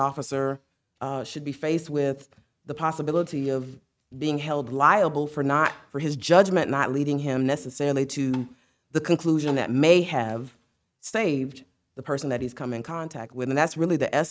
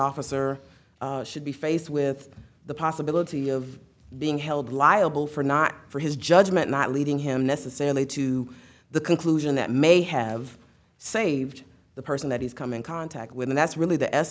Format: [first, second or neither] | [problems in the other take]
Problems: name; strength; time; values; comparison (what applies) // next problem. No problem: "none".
second | noise reduction (neural mask model RNNoise)